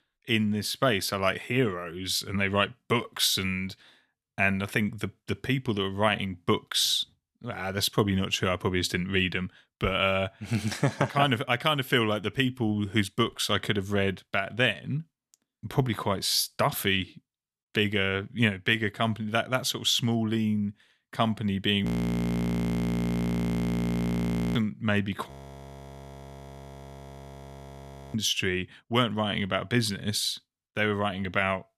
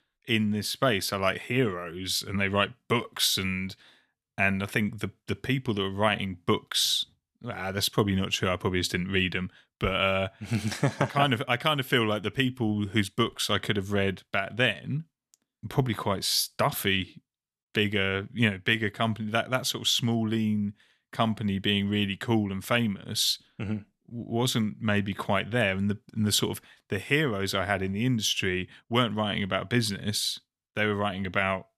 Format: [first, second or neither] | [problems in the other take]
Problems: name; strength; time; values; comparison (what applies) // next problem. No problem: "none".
second | audio freezing; at 22 s for 2.5 s and at 25 s for 3 s